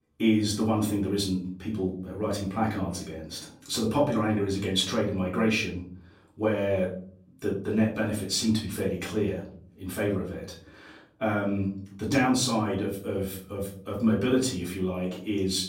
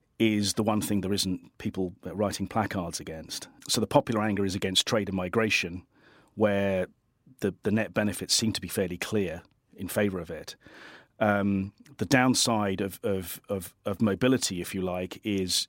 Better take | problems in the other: second | off-mic speech; far // room echo; slight; dies away in 0.5 s

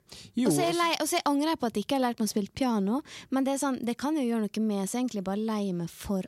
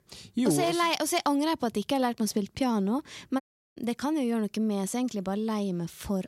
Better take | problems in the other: first | audio cutting out; at 3.5 s

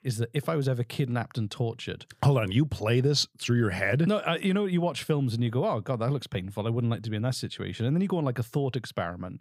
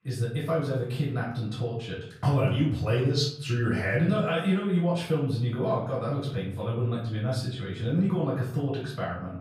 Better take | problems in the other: first | off-mic speech; far // room echo; noticeable; dies away in 0.6 s

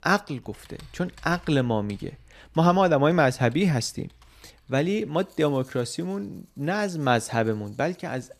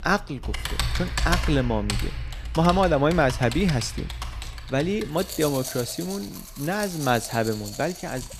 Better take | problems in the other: first | household noises; loud; throughout; 7 dB below the speech; faint in the first

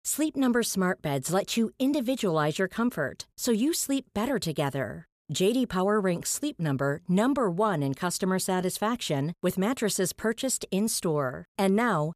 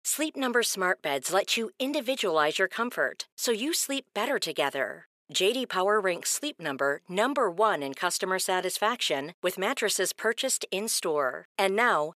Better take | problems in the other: first | thin; somewhat; fading below 450 Hz

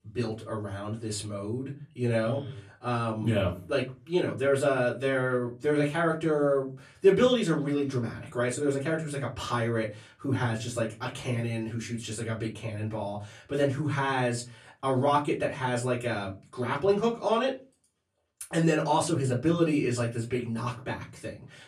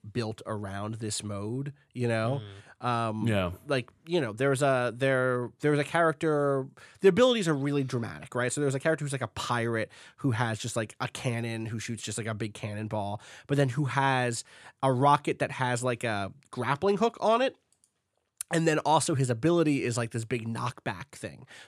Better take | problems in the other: second | off-mic speech; far // room echo; very slight; dies away in 0.3 s

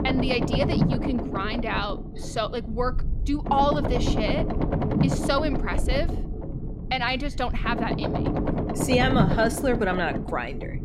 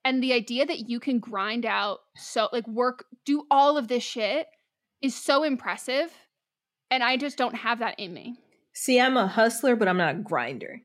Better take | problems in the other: second | low rumble; loud; throughout; 5 dB below the speech

